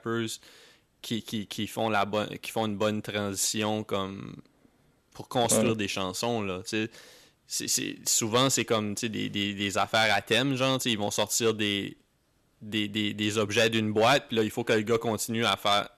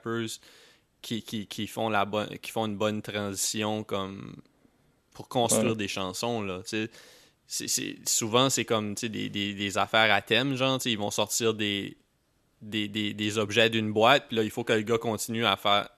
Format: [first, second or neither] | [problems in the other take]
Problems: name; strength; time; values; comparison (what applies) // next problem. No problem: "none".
second | distortion; slight; 1.5% of the sound clipped